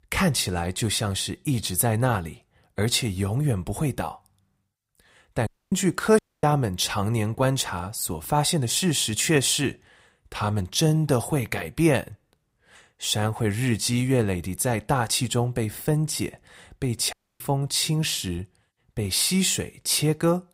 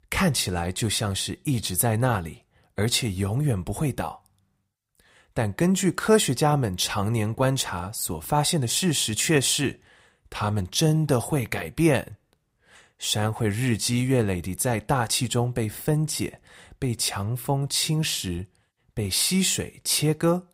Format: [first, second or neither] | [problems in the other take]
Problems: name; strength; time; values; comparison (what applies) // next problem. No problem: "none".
second | audio cutting out; at 5.5 s, at 6 s and at 17 s